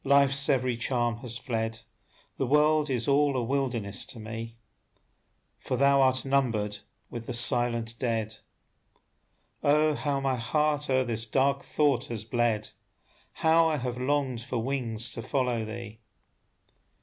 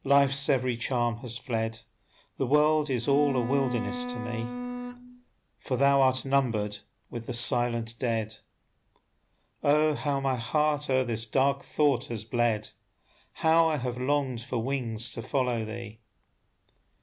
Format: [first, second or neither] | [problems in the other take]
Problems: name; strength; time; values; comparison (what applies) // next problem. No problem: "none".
first | background sound (Bowed string instrument); 7 dB below the speech